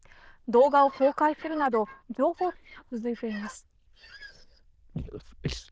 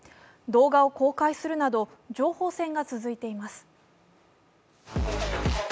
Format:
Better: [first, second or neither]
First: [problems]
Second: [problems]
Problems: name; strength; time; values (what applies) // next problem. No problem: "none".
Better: second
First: noise reduction (neural diffusion model UNIVERSE++)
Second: none